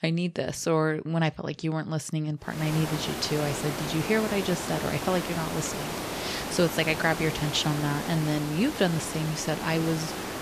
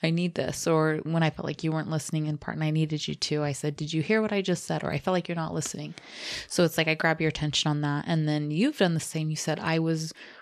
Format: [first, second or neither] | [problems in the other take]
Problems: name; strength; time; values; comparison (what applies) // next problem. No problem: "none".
second | hiss; loud; from 2.5 s on; 5 dB below the speech